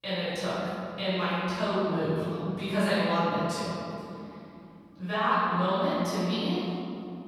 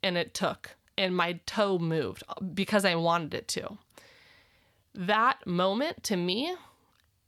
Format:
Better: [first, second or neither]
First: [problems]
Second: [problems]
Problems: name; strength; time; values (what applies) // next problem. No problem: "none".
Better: second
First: off-mic speech; far // room echo; strong; dies away in 3 s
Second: none